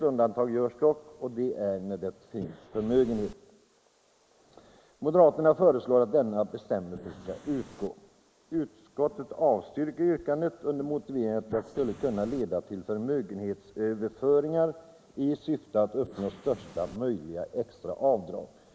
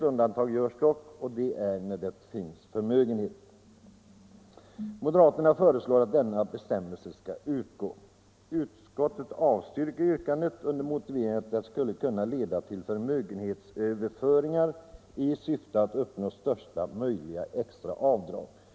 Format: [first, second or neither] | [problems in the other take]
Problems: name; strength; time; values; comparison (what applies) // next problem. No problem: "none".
second | noise reduction (neural mask model Resemble Enhance denoiser)